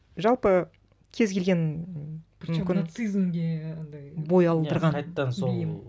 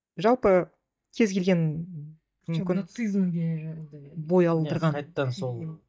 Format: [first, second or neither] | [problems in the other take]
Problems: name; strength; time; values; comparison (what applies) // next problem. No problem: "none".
first | noise reduction (neural mask model DeepFilterNet 3)